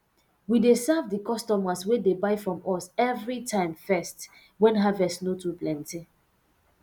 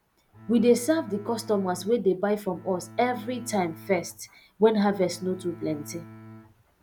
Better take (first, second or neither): first